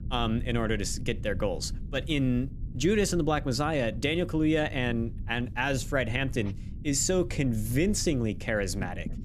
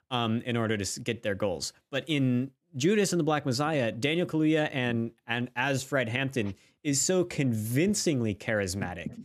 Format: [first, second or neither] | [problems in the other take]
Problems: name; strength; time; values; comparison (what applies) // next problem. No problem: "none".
second | low rumble; faint; throughout; 20 dB below the speech